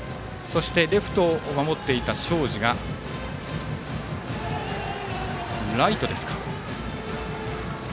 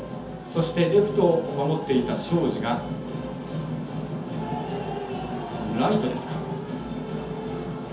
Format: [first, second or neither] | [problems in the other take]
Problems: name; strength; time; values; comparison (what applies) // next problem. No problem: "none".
first | room echo; dies away in 0.5 s